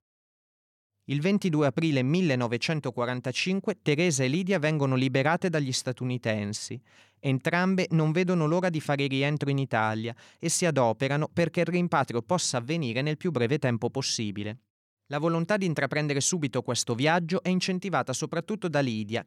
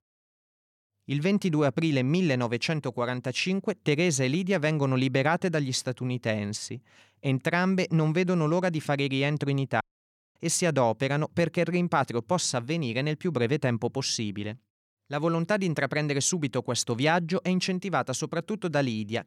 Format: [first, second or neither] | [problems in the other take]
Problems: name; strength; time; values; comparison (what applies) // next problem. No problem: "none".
first | audio cutting out; at 10 s for 0.5 s